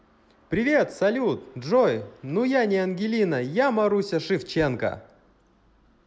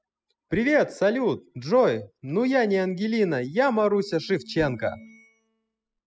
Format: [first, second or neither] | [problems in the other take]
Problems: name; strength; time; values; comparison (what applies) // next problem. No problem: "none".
first | noise reduction (classical method spectral subtraction)